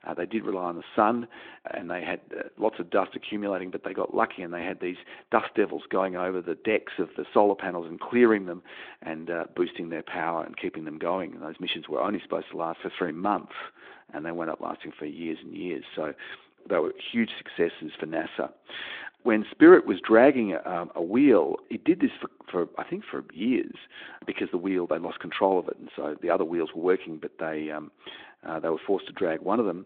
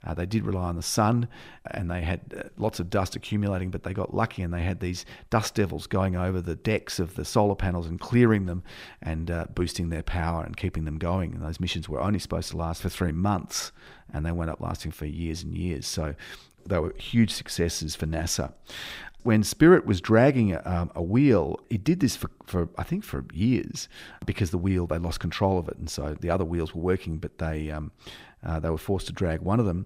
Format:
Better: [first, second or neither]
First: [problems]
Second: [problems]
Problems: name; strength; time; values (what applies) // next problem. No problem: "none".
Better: second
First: phone-call audio; nothing above 3.5 kHz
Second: none